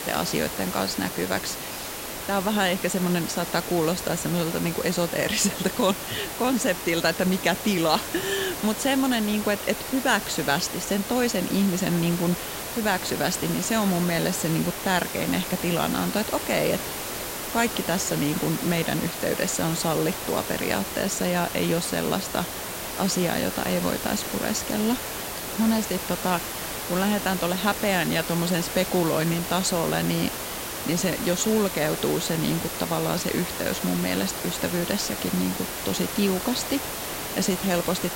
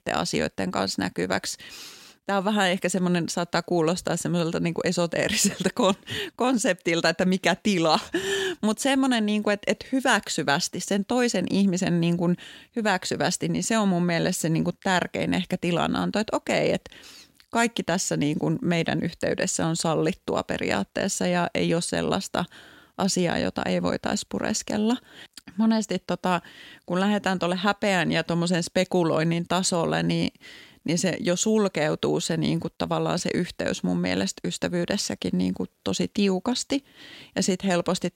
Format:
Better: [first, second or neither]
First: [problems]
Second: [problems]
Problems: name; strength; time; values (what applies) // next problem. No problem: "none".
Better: second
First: hiss; loud; throughout; 5 dB below the speech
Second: none